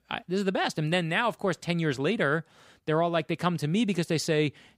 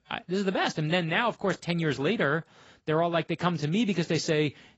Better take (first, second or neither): first